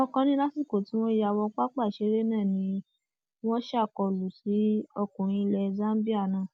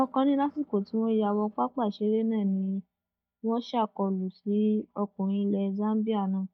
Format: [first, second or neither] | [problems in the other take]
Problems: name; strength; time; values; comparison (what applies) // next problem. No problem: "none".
first | noise reduction (neural mask model DeepFilterNet 3)